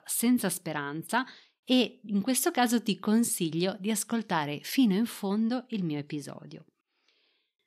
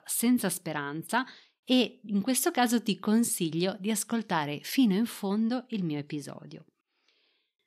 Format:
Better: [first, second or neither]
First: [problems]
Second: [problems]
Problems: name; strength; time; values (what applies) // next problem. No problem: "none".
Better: neither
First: none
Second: none